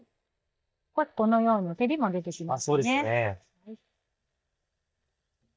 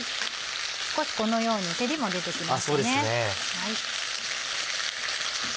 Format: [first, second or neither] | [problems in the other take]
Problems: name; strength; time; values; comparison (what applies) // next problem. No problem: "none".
second | noise reduction (neural mask model DeepFilterNet 3)